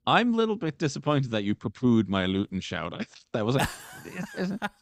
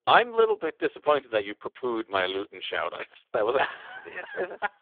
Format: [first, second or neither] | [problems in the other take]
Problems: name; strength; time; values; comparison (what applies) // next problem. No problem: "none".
first | phone-call audio; poor line; nothing above 3.5 kHz